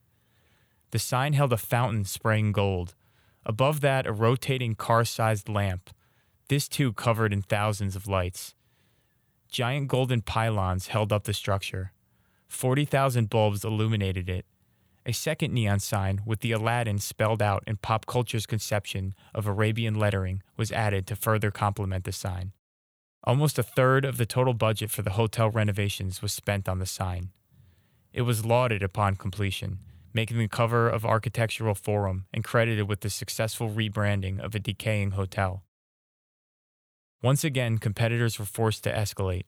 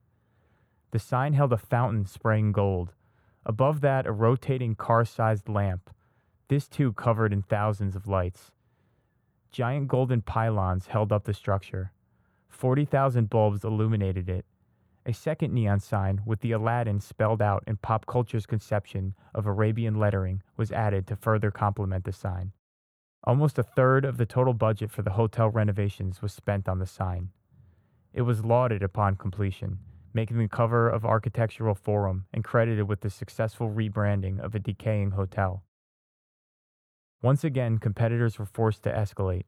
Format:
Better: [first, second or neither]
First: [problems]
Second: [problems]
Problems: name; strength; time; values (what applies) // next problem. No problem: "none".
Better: first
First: none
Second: muffled; very; fading above 2 kHz